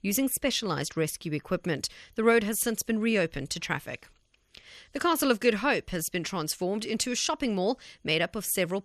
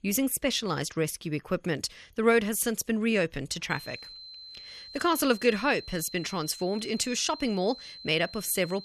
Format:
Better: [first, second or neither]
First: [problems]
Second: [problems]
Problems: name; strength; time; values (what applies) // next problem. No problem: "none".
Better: first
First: none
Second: high-pitched whine; noticeable; from 3.5 s on; 4 kHz, 15 dB below the speech